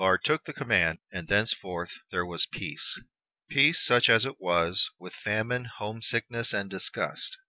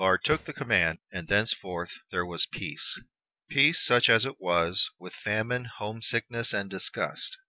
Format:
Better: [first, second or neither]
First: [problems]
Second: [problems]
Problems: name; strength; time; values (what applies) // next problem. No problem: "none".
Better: first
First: none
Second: background sound (Tap); 13 dB below the speech